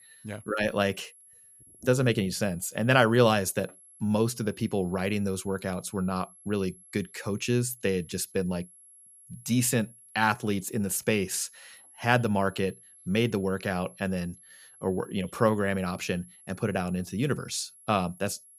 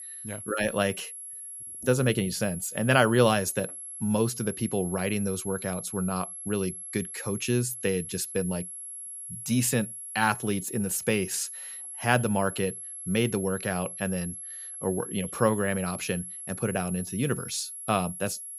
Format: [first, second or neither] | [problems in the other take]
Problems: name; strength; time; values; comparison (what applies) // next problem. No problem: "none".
first | high-pitched whine; loud; throughout; 11 kHz, 8 dB below the speech; faint in the first